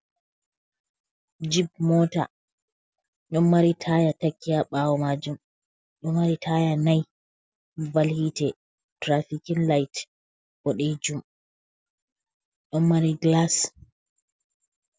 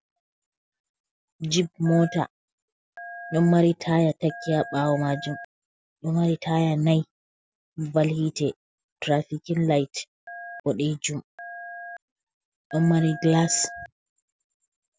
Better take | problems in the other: first | background sound (Telephone); 15 dB below the speech

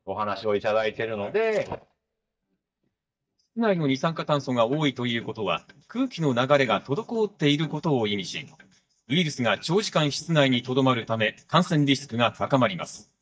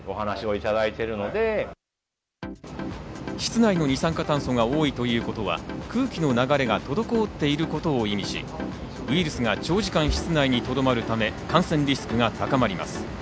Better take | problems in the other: second | noise reduction (neural mask model DeepFilterNet 3)

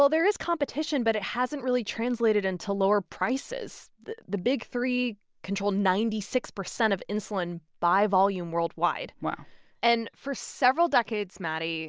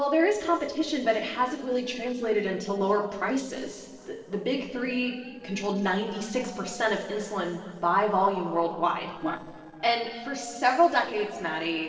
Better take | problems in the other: first | noise reduction (neural separator model SepFormer DNS4)

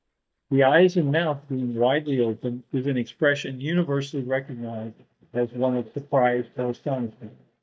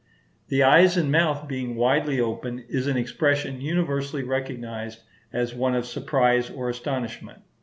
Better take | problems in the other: second | noise reduction (neural mask model DeepFilterNet 3)

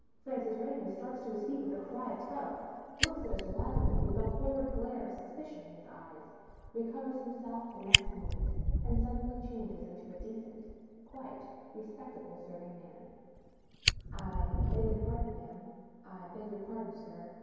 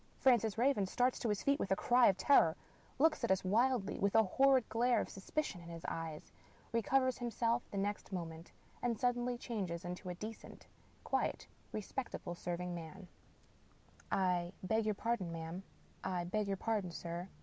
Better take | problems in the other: second | background sound (Fire); 4 dB above the speech // room echo; dies away in 2.2 s

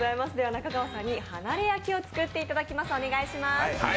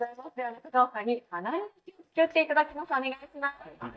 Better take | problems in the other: first | noise reduction (neural mask model DeepFilterNet 3)

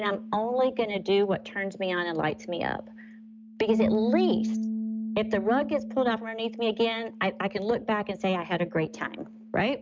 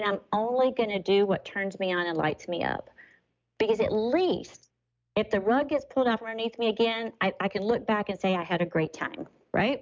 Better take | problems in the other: second | background sound (Bass guitar); 6 dB below the speech

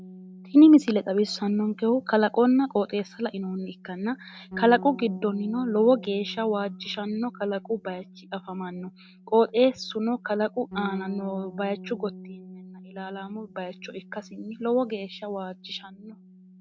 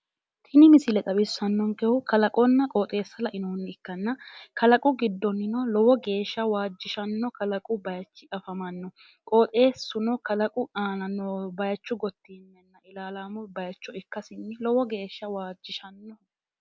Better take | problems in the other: second | background sound (Bass guitar); 18 dB below the speech

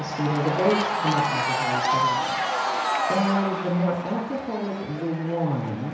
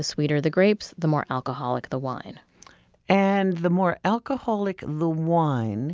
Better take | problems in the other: second | background sound (Crowd / Cheering); as loud as the speech // room echo; dies away in 1 s

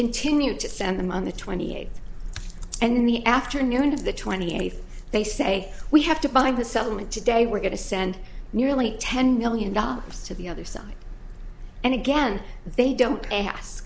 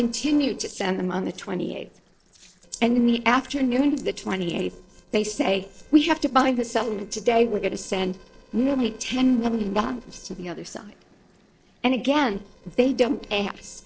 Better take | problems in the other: first | noise reduction (neural separator model SepFormer DNS4)

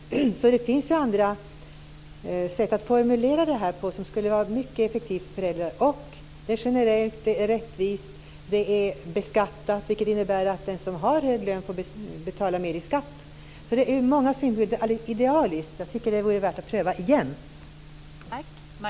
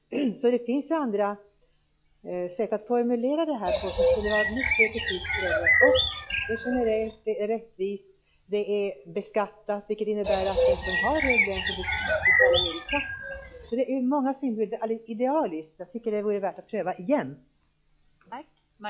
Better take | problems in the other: first | noise reduction (classical method log-MMSE)

